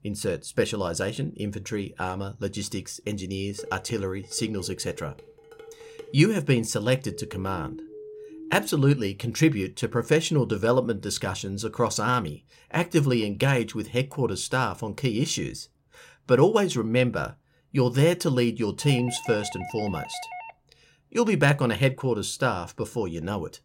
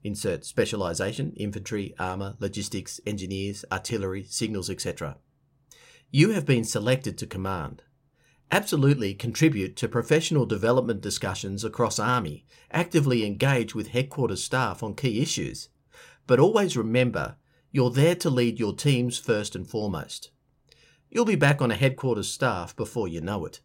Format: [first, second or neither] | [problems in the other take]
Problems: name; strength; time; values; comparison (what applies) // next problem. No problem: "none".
second | clattering dishes; faint; from 3.5 to 6 s; peak 15 dB below the speech // siren; faint; from 7 to 8.5 s; peak 15 dB below the speech // doorbell; faint; from 19 to 21 s; peak 10 dB below the speech